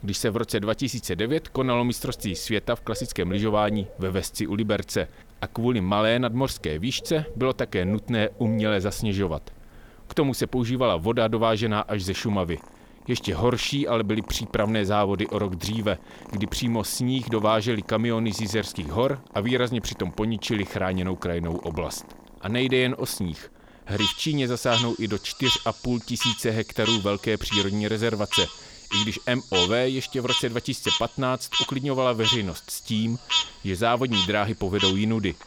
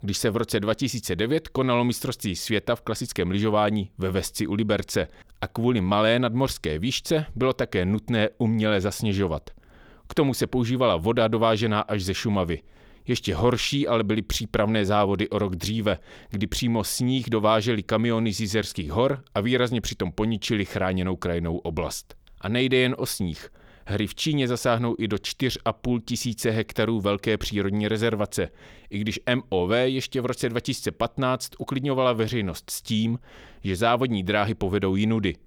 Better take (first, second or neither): second